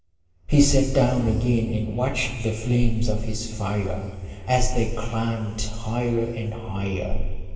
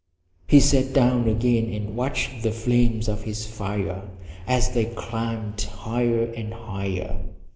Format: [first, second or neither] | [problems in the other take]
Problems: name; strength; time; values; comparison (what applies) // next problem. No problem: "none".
second | room echo; dies away in 2.5 s